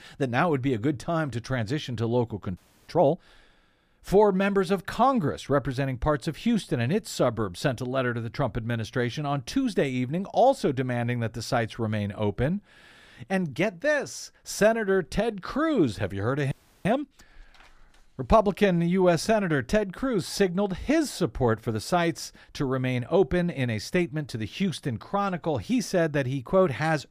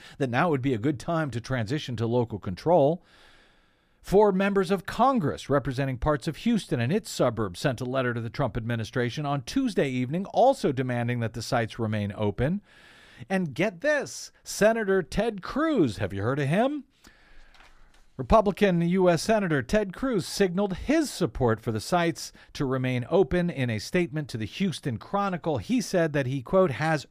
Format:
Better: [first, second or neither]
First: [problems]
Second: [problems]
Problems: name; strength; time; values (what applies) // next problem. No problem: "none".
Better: second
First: audio freezing; at 2.5 s and at 17 s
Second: none